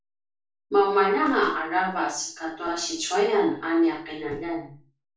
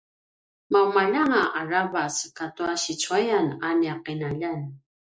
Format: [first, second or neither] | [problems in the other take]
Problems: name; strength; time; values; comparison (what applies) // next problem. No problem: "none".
second | room echo; dies away in 0.3 s